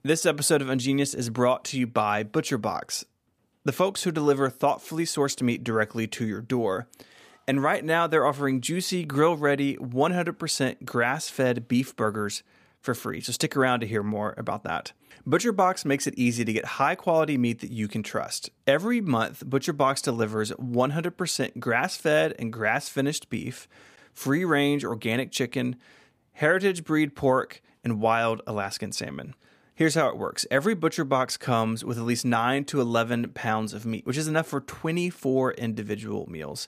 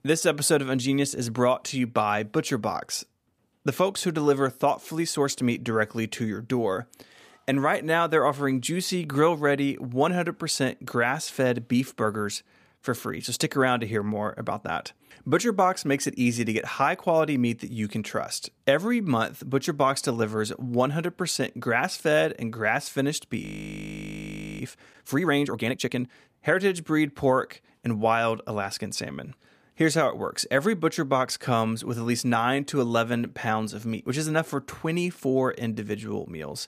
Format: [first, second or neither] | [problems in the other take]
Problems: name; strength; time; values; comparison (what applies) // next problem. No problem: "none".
first | audio freezing; at 23 s for 1 s